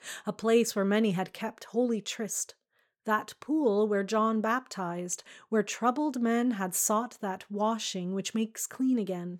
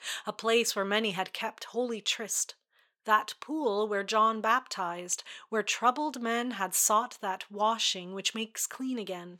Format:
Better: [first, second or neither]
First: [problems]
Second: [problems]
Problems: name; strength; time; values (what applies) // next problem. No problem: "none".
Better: first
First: none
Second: thin; somewhat; fading below 650 Hz